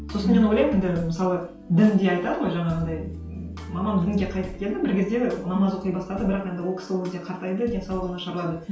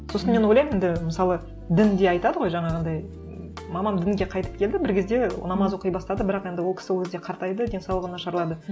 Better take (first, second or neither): second